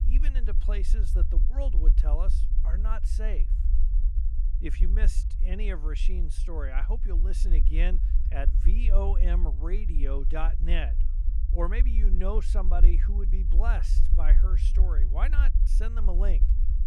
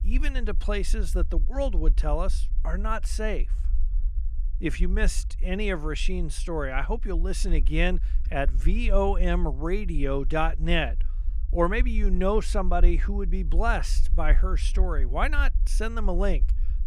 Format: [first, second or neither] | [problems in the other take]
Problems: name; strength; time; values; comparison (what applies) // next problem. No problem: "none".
second | low rumble; loud; throughout; 10 dB below the speech; faint in the second